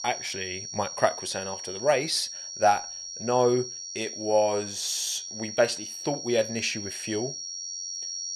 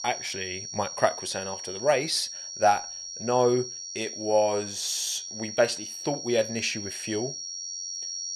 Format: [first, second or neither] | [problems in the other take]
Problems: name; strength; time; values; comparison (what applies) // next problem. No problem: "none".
neither | high-pitched whine; loud; throughout; 5.5 kHz, 7 dB below the speech; the same in both